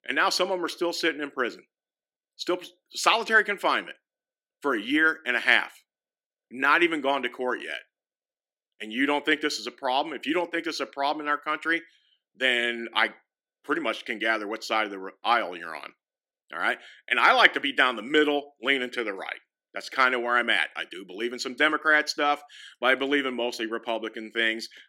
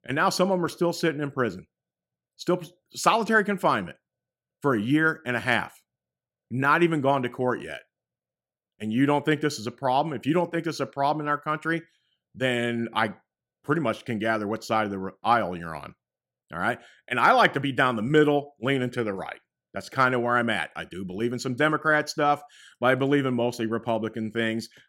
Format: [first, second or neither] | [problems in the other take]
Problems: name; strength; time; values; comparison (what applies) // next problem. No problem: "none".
second | thin; very slightly; fading below 300 Hz